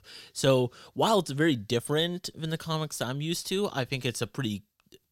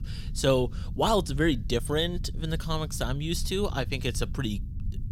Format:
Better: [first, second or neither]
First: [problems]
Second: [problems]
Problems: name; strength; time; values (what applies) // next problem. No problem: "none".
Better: first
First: none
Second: low rumble; faint; throughout; 20 dB below the speech